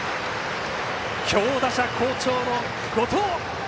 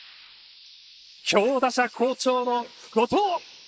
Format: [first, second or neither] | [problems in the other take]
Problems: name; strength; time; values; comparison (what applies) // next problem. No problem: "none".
first | noise reduction (neural mask model Resemble Enhance denoiser)